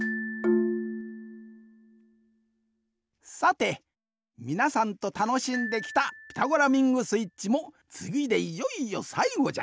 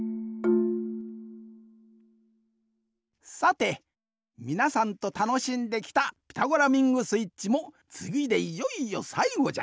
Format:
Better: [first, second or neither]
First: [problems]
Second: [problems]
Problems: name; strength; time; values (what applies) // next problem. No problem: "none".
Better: second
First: background sound (Glockenspiel); 15 dB below the speech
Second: none